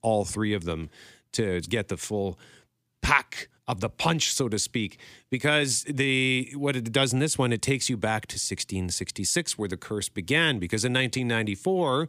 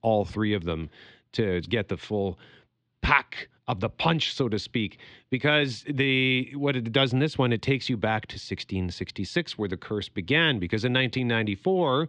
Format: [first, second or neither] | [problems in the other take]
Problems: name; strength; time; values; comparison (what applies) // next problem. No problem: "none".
first | muffled; slightly; fading above 4 kHz